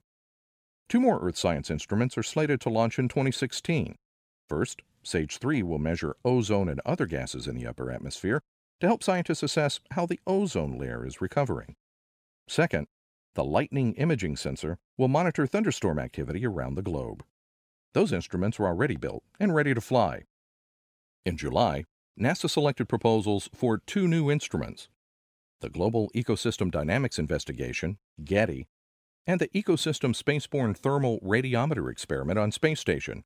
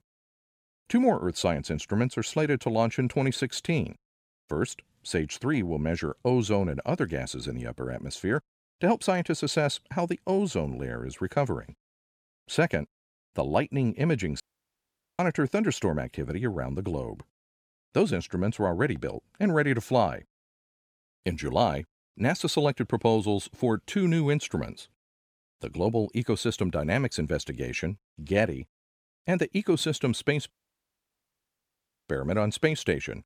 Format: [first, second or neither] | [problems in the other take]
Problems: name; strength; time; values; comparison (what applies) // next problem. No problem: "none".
first | audio cutting out; at 14 s for 1 s and at 31 s for 1.5 s